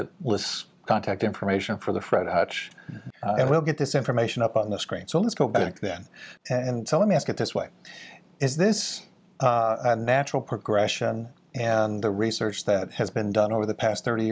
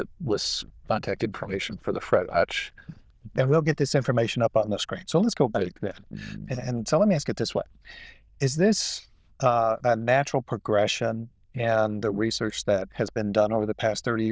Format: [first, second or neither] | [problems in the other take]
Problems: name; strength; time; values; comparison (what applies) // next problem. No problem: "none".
first | noise reduction (neural diffusion model UNIVERSE++)